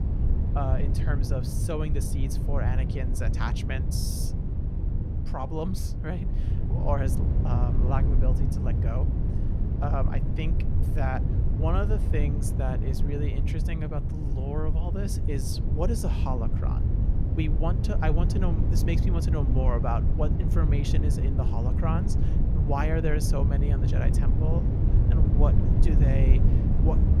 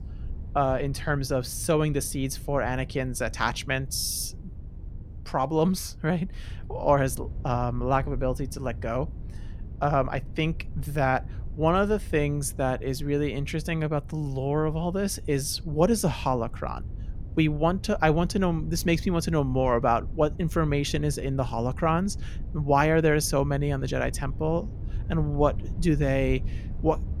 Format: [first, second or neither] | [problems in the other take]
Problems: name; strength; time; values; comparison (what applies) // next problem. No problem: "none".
second | wind noise on the microphone; heavy; 4 dB below the speech; occasional gusts in the second